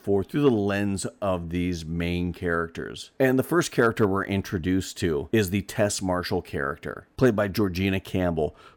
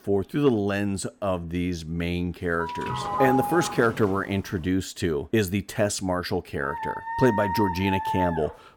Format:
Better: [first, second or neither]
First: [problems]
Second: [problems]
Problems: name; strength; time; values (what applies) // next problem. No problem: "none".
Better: first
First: none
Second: doorbell; loud; from 2.5 to 4 s; peak 1 dB above the speech // dog barking; noticeable; from 6.5 s on; peak 2 dB below the speech